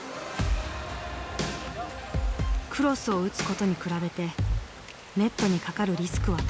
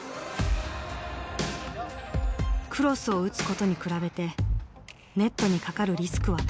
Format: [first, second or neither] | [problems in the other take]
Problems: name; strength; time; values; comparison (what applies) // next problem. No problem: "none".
second | background sound (Water); 18 dB below the speech